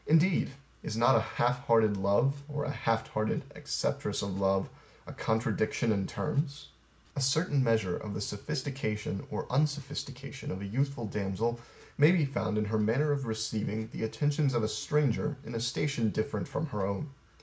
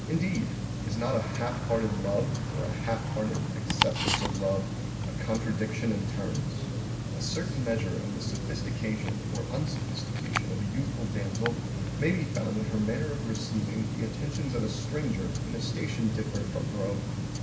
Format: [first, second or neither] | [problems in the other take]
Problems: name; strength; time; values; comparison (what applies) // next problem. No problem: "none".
first | background sound (Tick-tock); 1 dB above the speech // room echo; dies away in 1.8 s